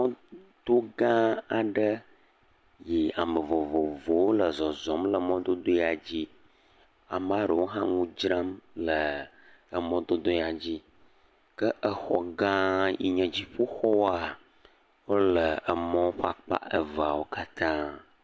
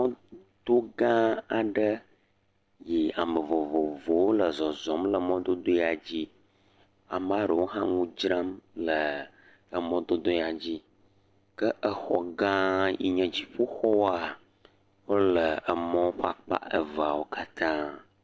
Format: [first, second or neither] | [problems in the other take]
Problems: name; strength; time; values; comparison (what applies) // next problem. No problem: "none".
first | noise reduction (neural separator model SepFormer DNS4)